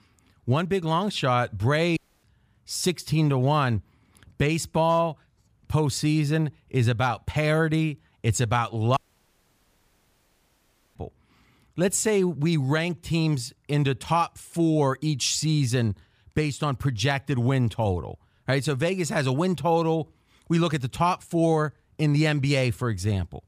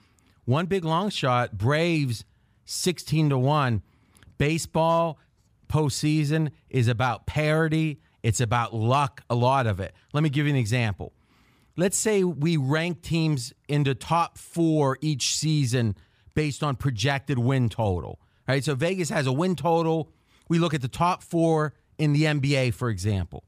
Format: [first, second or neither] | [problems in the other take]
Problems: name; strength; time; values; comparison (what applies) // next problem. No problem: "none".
second | audio cutting out; at 2 s and at 9 s for 2 s